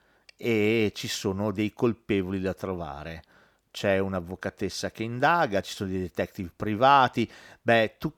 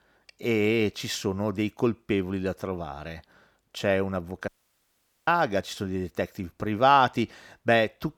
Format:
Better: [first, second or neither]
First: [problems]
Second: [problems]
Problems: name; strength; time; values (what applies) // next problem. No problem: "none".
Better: first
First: none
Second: audio cutting out; at 4.5 s for 1 s